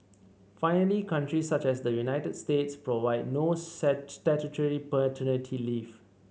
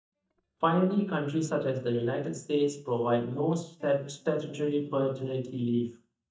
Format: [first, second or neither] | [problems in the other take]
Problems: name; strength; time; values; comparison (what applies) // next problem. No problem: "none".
first | noise reduction (neural mask model DeepFilterNet 3)